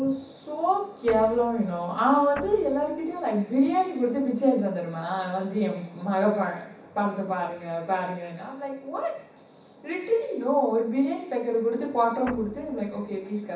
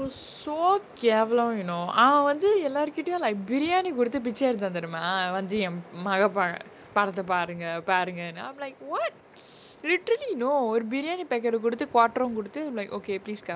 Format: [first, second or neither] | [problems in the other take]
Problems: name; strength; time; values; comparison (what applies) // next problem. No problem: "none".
second | background sound (Guitar); 16 dB below the speech // room echo; dies away in 0.7 s